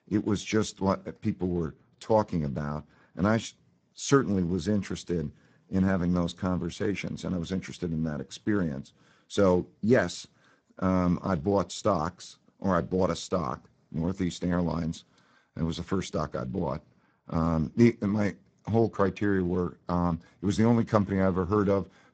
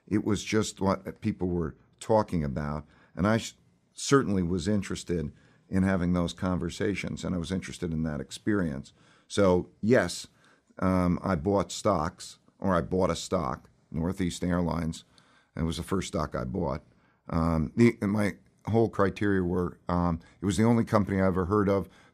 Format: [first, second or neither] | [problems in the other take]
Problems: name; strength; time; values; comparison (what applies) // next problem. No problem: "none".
second | garbled, watery; badly; nothing above 8 kHz